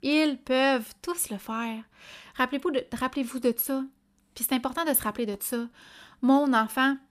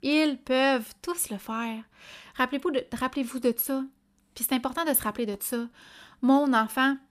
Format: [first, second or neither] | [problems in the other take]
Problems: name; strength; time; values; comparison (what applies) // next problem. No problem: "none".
neither | none